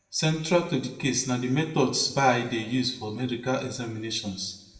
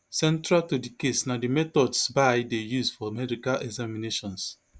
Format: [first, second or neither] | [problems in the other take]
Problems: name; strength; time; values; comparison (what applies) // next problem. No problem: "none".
second | room echo; dies away in 0.8 s